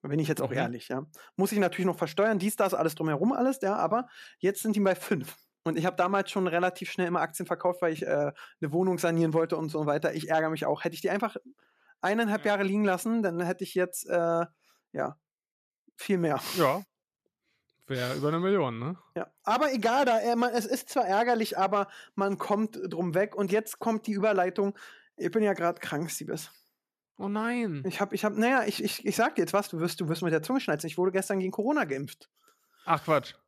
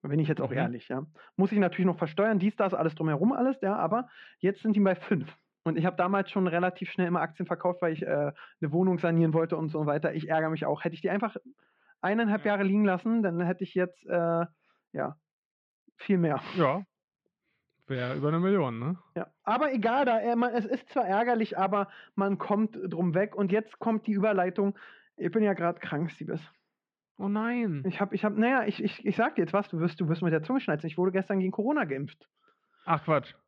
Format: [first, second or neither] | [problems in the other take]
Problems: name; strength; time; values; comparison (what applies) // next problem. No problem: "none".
first | muffled; very; fading above 3 kHz